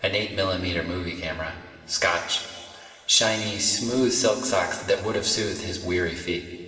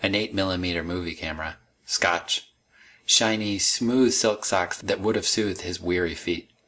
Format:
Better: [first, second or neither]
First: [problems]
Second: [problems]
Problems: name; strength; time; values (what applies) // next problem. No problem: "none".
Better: second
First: room echo; dies away in 2.4 s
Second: none